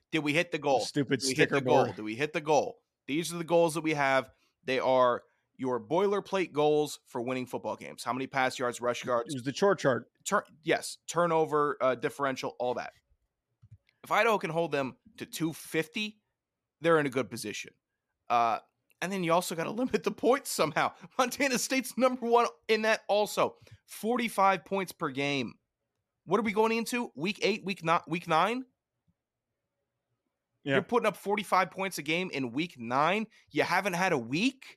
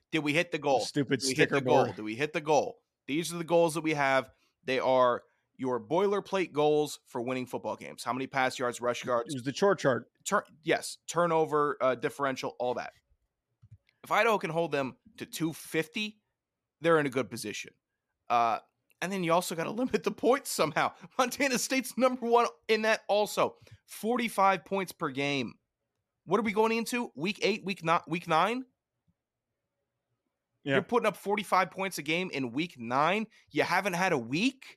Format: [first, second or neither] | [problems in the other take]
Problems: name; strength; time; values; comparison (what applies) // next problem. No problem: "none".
neither | none